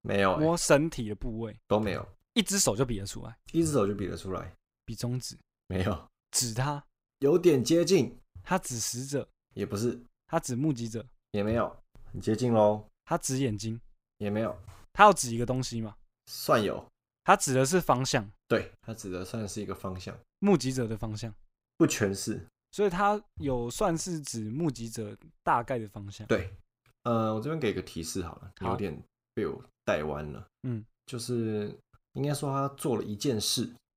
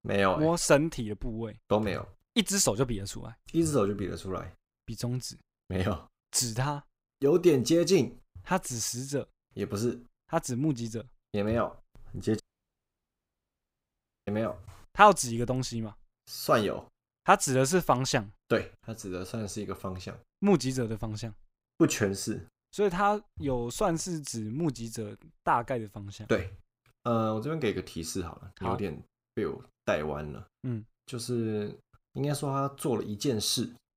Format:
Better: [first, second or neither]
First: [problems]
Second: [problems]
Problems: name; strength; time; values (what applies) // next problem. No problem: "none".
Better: first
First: none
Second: audio cutting out; at 12 s for 2 s